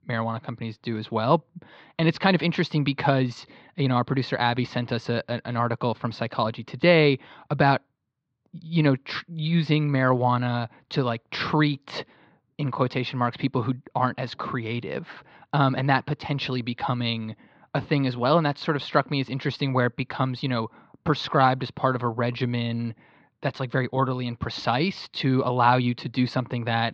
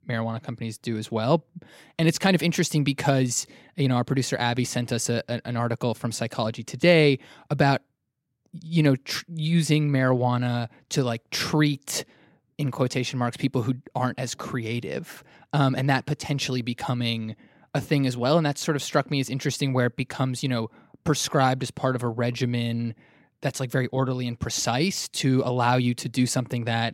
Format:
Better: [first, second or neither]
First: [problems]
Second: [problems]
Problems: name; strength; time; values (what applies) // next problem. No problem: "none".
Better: second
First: muffled; slightly; fading above 4 kHz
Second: none